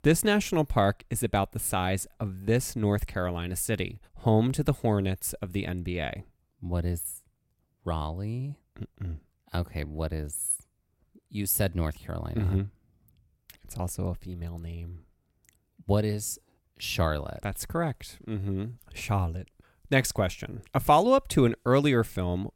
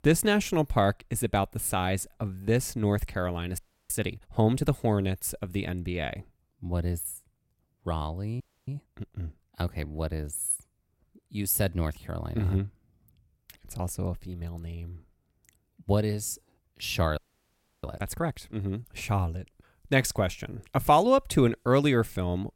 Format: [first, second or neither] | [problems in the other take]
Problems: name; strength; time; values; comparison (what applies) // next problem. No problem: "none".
first | audio freezing; at 3.5 s, at 8.5 s and at 17 s for 0.5 s